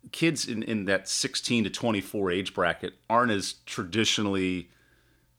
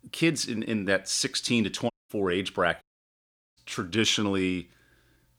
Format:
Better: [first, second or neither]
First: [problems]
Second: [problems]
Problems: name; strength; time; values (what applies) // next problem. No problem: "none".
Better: first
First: none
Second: audio cutting out; at 2 s and at 3 s for 0.5 s